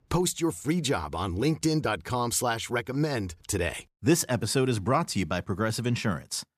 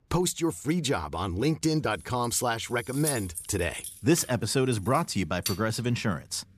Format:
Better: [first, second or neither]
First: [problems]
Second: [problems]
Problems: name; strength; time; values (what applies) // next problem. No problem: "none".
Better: first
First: none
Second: jangling keys; noticeable; from 2 to 5.5 s; peak 3 dB below the speech